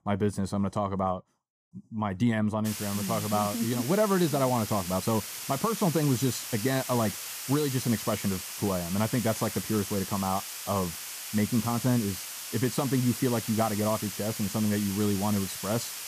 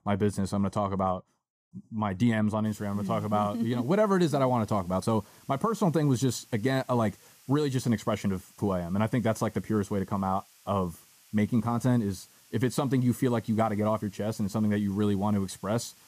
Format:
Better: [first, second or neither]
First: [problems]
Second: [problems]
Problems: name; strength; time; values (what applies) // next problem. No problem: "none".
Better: second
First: hiss; loud; from 2.5 s on; 6 dB below the speech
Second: hiss; faint; from 2.5 s on; 25 dB below the speech